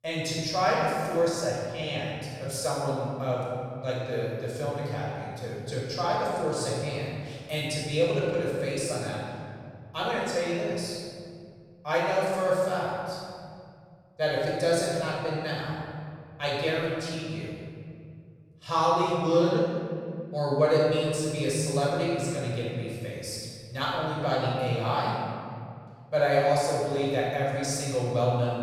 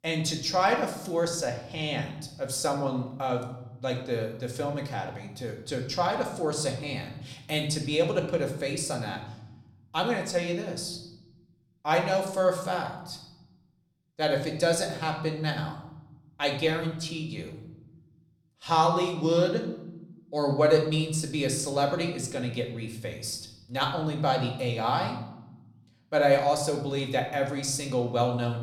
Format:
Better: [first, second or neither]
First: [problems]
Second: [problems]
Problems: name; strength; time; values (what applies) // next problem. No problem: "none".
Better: second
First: room echo; strong; dies away in 2.3 s // off-mic speech; far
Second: room echo; slight; dies away in 0.8 s // off-mic speech; somewhat distant